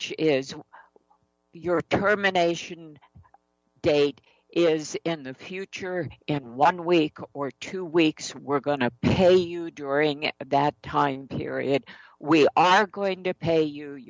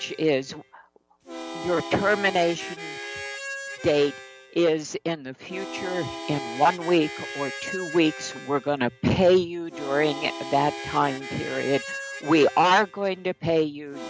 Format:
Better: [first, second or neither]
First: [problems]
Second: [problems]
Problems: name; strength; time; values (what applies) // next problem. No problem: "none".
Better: first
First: none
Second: background sound (Harmonica); 12 dB below the speech